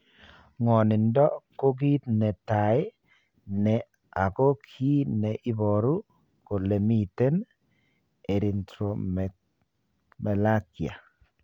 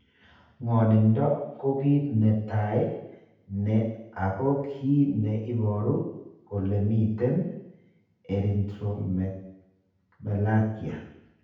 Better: first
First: none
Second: room echo; dies away in 0.8 s

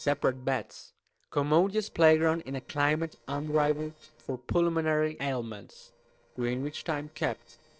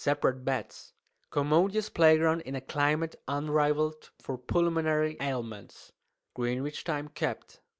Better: second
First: noise reduction (neural separator model SepFormer DNS4)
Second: none

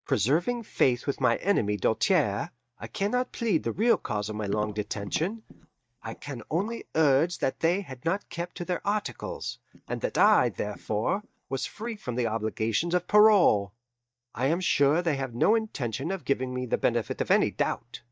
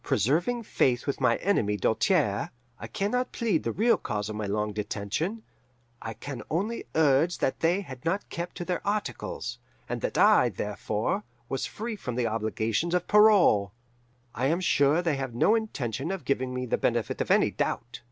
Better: second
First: noise reduction (neural mask model DeepFilterNet 3)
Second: none

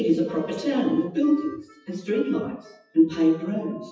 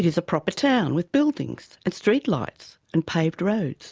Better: second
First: noise reduction (classical method WPE with log-MMSE)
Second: none

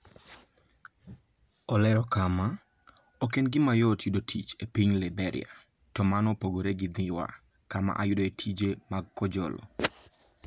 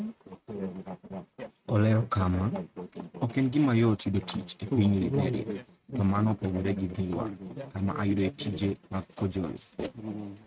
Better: first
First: none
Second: noise reduction (neural mask model RNNoise)

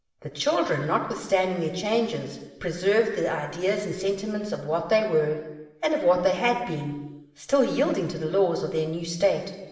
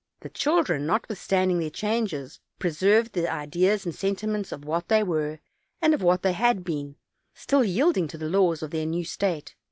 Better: second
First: room echo; dies away in 1.2 s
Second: none

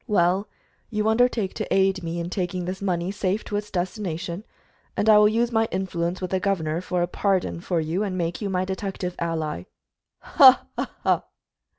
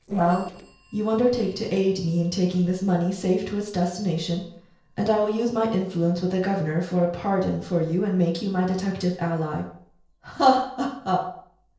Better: first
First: none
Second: noise reduction (neural separator model SepFormer DNS4)

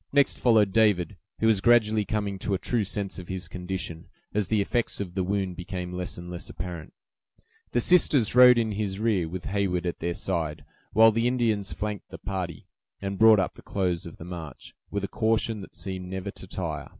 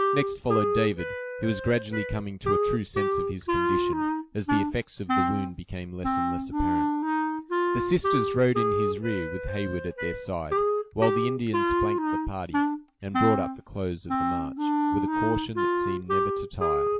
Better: first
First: none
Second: background sound (Wind instrument, woodwind instrument); 3 dB above the speech

